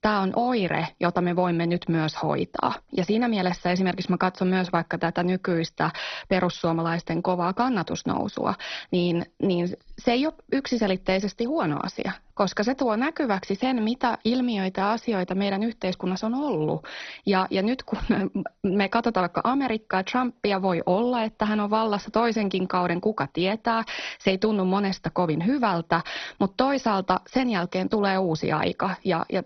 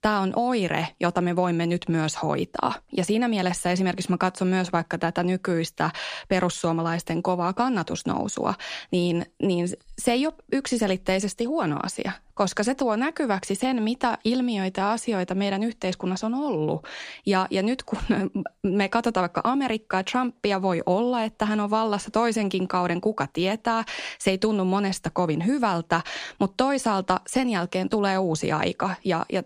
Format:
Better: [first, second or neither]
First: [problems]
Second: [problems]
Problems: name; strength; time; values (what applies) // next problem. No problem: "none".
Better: second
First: garbled, watery; badly; nothing above 6 kHz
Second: none